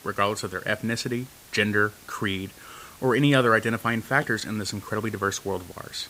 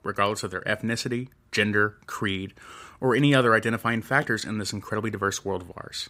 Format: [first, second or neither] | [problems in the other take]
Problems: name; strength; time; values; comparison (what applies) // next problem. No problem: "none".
second | hiss; faint; throughout; 20 dB below the speech